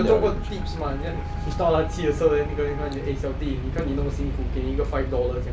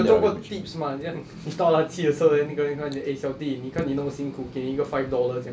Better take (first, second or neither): second